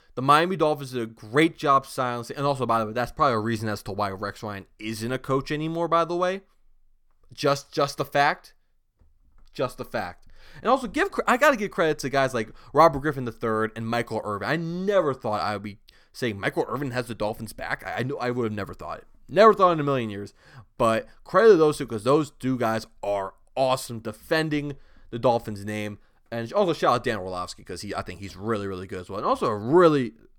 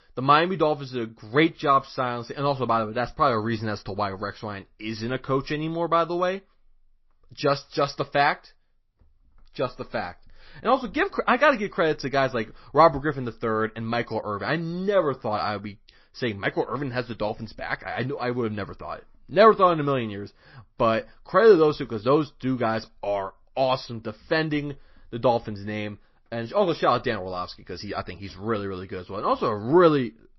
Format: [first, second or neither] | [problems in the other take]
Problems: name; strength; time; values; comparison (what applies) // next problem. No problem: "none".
first | garbled, watery; slightly; nothing above 5.5 kHz